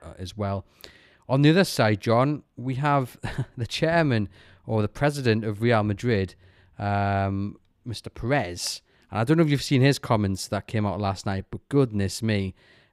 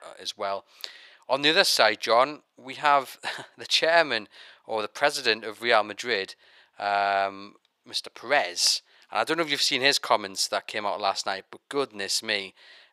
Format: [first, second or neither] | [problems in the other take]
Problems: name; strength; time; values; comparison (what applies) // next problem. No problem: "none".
first | thin; very; fading below 700 Hz